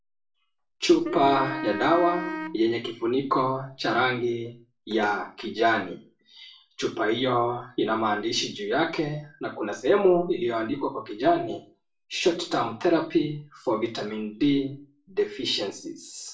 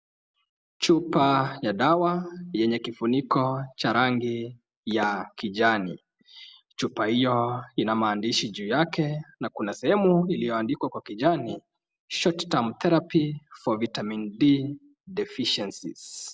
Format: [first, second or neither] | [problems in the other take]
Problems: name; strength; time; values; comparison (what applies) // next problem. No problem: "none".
second | background sound (Wind instrument, woodwind instrument); 9 dB below the speech // room echo; dies away in 0.3 s